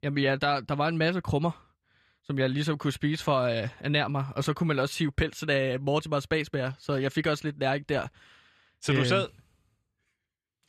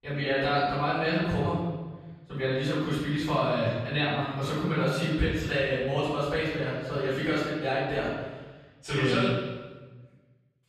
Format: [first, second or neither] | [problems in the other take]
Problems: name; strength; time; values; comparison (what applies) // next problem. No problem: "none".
first | off-mic speech; far // room echo; strong; dies away in 1.2 s